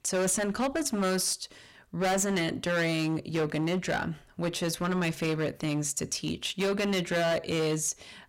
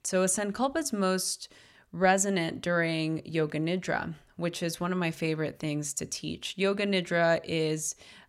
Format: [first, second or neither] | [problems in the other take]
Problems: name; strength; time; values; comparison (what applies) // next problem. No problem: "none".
second | distortion; heavy; 16% of the sound clipped